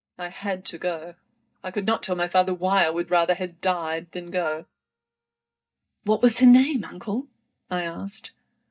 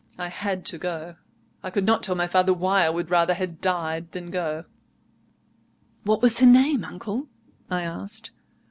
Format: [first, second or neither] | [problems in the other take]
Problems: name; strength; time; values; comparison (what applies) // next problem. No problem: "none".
second | noise reduction (neural mask model DeepFilterNet 3)